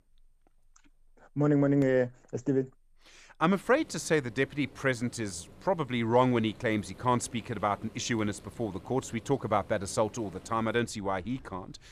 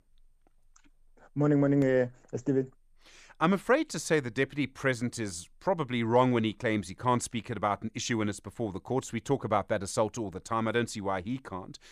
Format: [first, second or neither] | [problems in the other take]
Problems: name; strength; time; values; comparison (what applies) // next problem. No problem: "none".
second | household noises; faint; from 3.5 s on; 25 dB below the speech